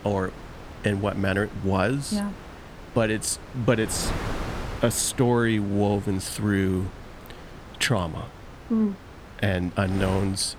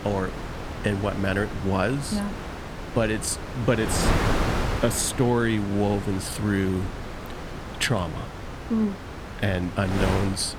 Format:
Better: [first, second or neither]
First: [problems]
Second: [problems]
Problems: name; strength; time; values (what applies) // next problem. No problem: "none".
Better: first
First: wind noise on the microphone; occasional gusts; 15 dB below the speech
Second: wind noise on the microphone; heavy; 5 dB below the speech